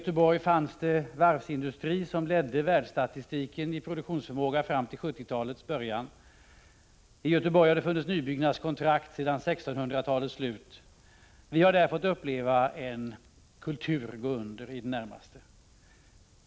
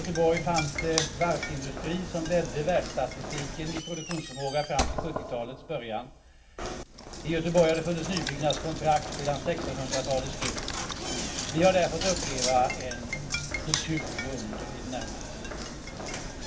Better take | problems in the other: first | background sound (Knock); 4 dB below the speech // room echo; dies away in 0.2 s

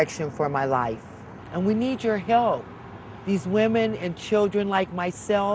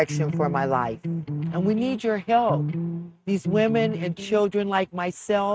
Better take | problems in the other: first | noise reduction (neural mask model RNNoise)

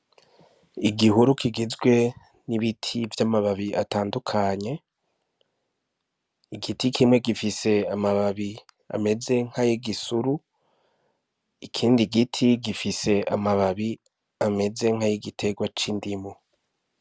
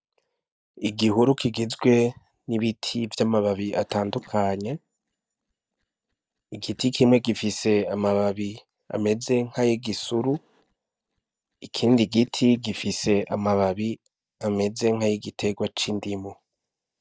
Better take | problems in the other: first | noise reduction (neural mask model DeepFilterNet 3)

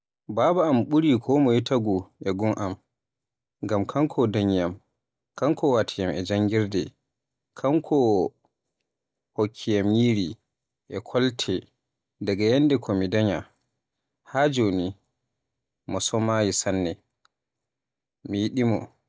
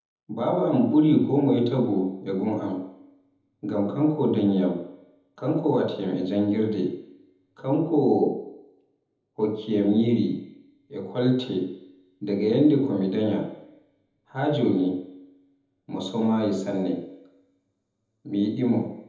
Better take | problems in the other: first | room echo; dies away in 1 s

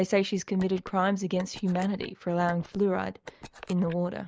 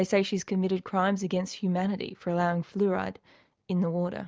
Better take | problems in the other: second | noise reduction (neural mask model Resemble Enhance denoiser)

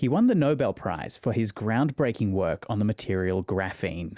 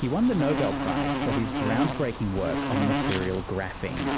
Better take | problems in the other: first | background sound (Insect); 1 dB below the speech

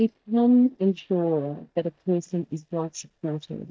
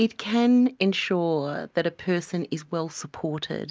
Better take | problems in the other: second | noise reduction (neural mask model DeepFilterNet 3)

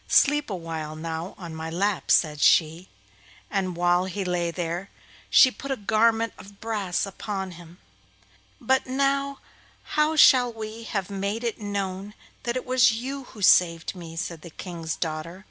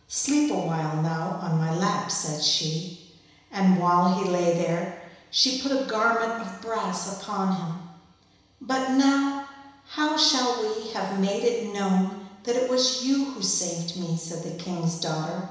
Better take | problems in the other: first | room echo; dies away in 1 s

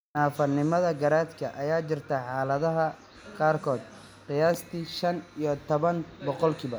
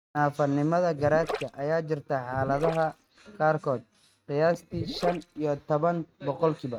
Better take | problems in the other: first | noise reduction (neural mask model RNNoise)

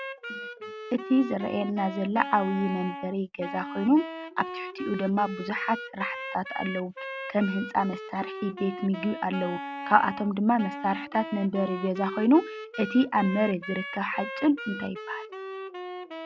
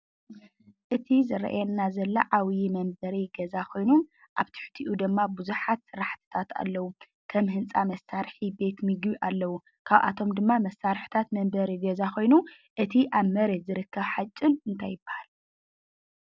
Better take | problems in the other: second | background sound (Wind instrument, woodwind instrument); 10 dB below the speech

